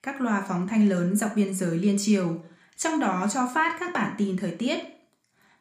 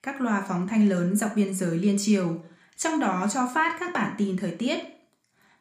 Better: neither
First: room echo; very slight; dies away in 0.4 s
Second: room echo; very slight; dies away in 0.4 s

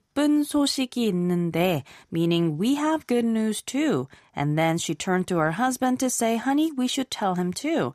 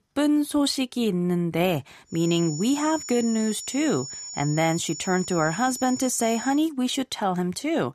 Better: first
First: none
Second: high-pitched whine; loud; from 2 to 6.5 s; 7 kHz, 9 dB below the speech

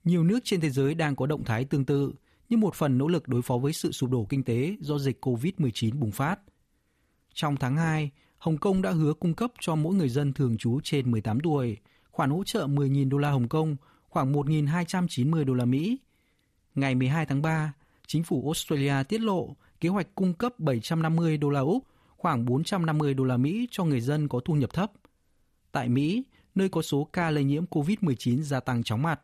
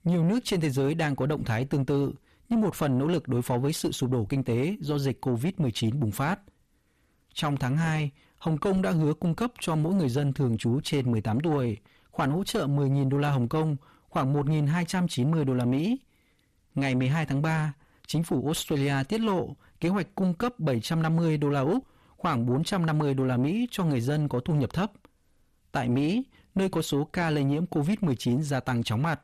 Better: first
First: none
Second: distortion; slight; 10 dB below the speech

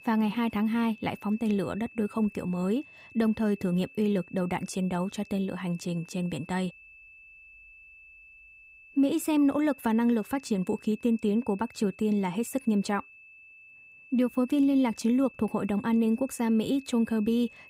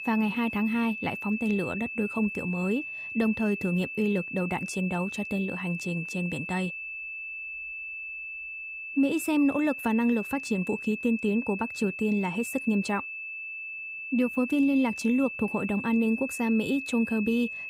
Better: first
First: high-pitched whine; faint; throughout; 2.5 kHz, 20 dB below the speech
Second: high-pitched whine; loud; throughout; 2.5 kHz, 7 dB below the speech

